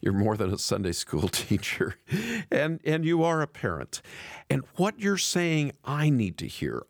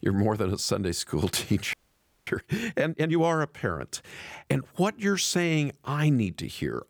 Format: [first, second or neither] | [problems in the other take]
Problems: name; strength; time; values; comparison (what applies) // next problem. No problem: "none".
first | audio freezing; at 1.5 s for 0.5 s